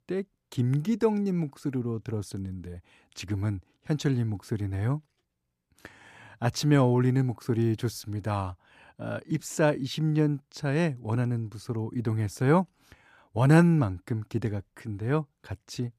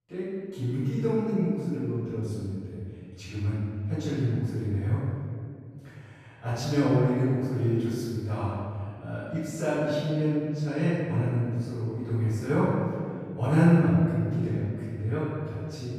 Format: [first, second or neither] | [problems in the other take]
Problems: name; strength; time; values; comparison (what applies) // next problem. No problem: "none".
first | off-mic speech; far // room echo; strong; dies away in 2.1 s